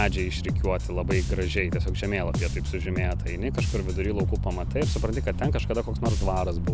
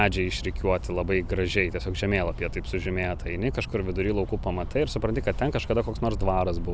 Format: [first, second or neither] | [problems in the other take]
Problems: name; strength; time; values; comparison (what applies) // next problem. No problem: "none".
second | background sound (Bass guitar); 1 dB above the speech